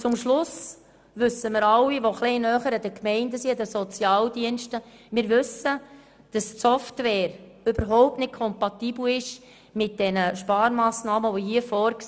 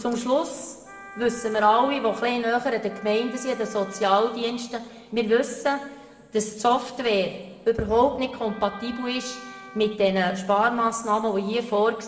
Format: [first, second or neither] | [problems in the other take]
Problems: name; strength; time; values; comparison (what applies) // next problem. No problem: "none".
first | background sound (Wind instrument, woodwind instrument); 19 dB below the speech // room echo; dies away in 1.2 s